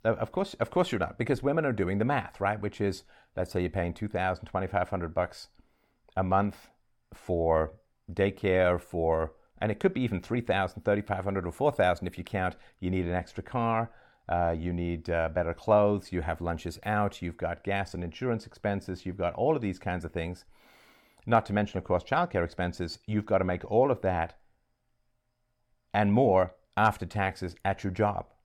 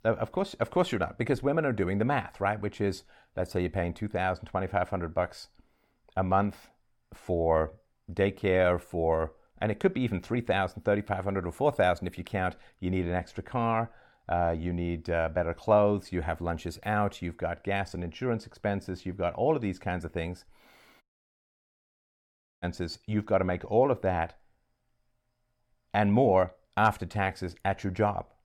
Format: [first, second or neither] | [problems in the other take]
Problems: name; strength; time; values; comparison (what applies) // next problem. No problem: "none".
first | audio cutting out; at 21 s for 1.5 s